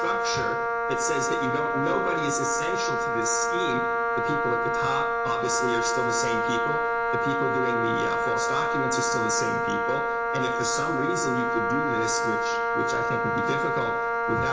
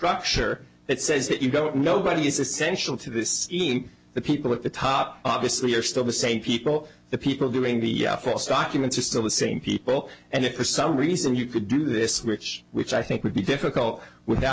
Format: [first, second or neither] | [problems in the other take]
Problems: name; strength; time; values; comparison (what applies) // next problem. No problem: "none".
second | background sound (Wind instrument, woodwind instrument); 5 dB above the speech // room echo; dies away in 0.8 s